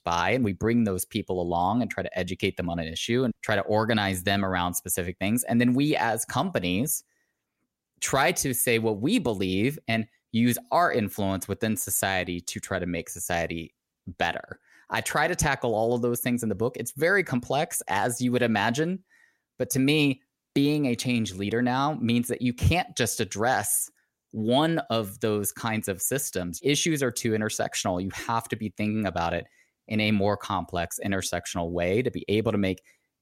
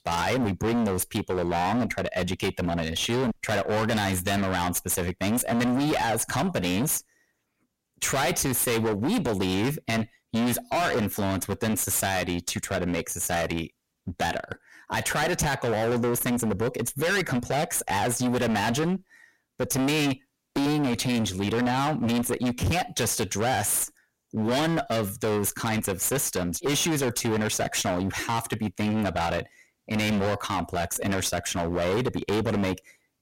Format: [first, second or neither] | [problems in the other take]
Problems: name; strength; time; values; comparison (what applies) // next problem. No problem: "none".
first | distortion; heavy; 29% of the sound clipped